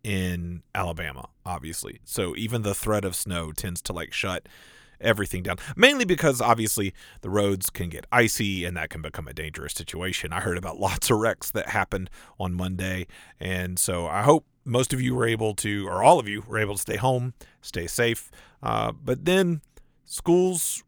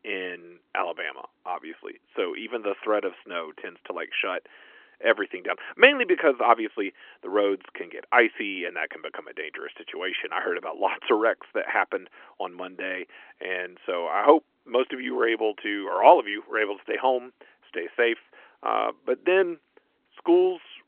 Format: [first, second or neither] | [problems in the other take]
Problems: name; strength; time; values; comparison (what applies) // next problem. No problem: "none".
first | phone-call audio; nothing above 3 kHz